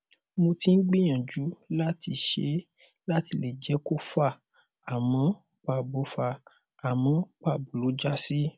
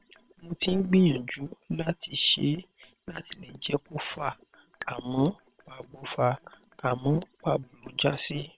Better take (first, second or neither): first